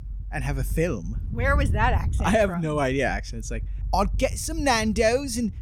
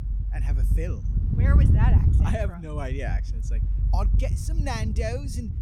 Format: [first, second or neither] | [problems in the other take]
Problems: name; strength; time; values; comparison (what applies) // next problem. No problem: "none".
first | wind noise on the microphone; heavy; 5 dB below the speech; occasional gusts in the first